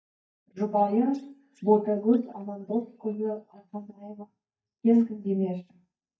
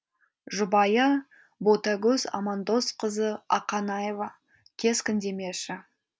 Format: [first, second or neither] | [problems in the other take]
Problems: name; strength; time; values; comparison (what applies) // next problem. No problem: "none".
second | noise reduction (neural mask model DeepFilterNet 3)